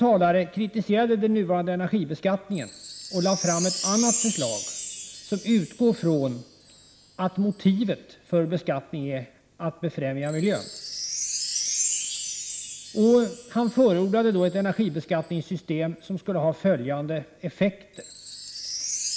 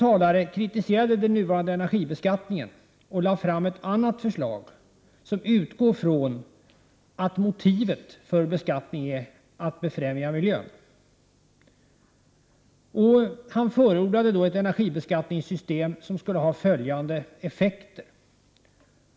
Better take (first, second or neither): second